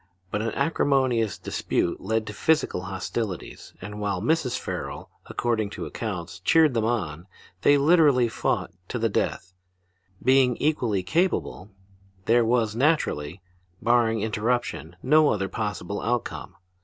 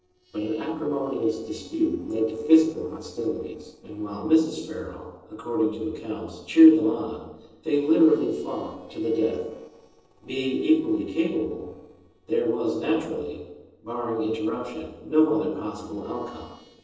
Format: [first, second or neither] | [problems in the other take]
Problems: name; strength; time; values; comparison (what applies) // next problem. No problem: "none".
first | noise reduction (neural separator model SepFormer DNS4)